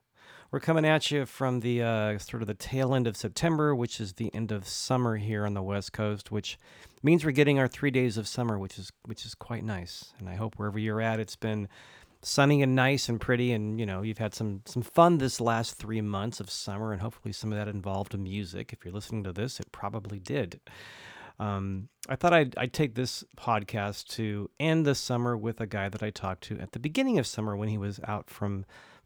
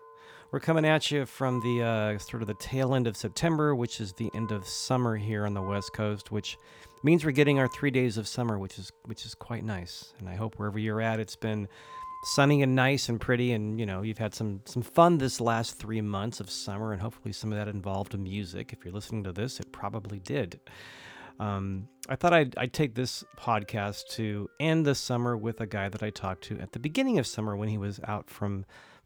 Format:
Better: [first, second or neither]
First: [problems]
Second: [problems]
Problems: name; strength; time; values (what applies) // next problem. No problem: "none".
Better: first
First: none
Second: background music; faint; throughout; 20 dB below the speech